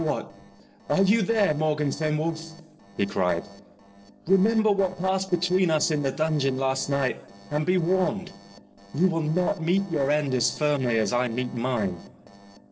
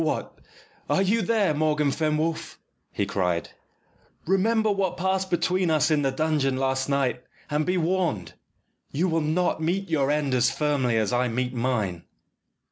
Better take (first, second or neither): second